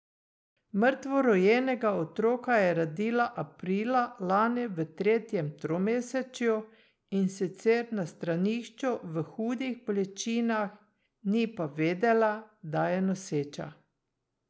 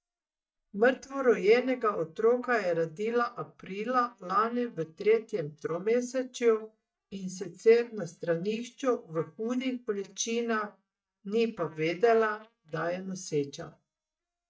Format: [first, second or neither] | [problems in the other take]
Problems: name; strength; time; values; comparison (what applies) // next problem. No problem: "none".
first | noise reduction (neural mask model DeepFilterNet 3)